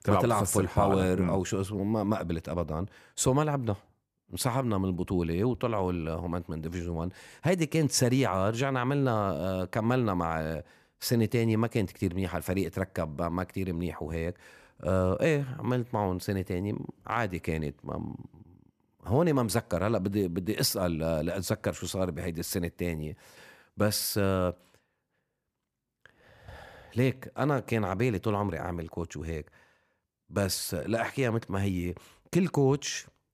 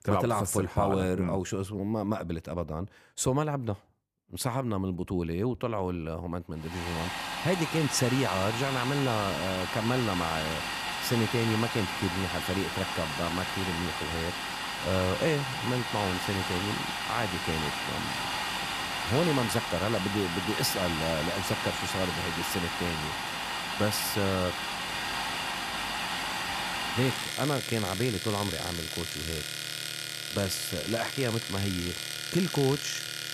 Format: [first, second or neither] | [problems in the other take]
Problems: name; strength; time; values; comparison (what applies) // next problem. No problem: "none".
first | household noises; loud; from 7 s on; 1 dB below the speech